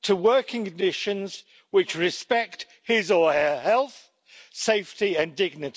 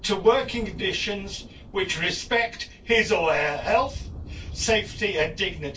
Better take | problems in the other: first | background sound (Thunder); 14 dB below the speech // room echo; dies away in 0.2 s

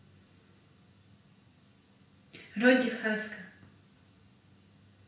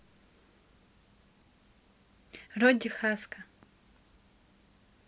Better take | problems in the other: second | room echo; dies away in 0.5 s

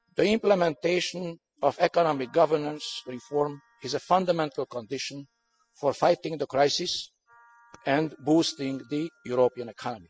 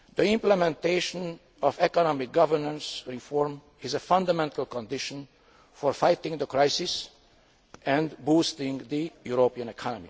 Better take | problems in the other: second | noise reduction (classical method spectral subtraction)

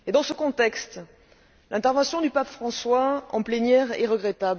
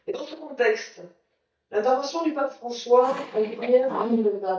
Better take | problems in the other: first | noise reduction (neural mask model DeepFilterNet 3)

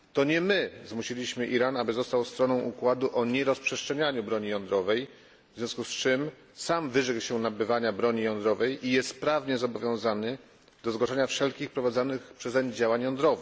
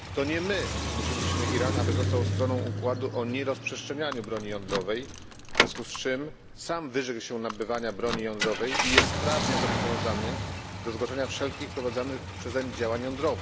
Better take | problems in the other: first | background sound (Car + Door / Car); 1 dB above the speech

